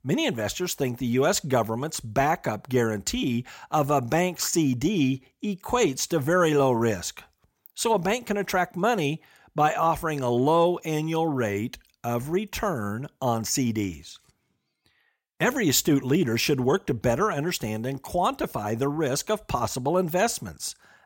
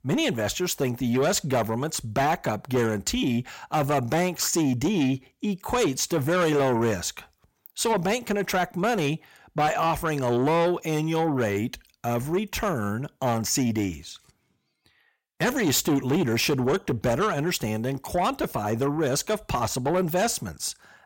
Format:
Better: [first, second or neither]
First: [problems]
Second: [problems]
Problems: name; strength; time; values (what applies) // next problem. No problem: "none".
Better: first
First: none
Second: distortion; slight; 10 dB below the speech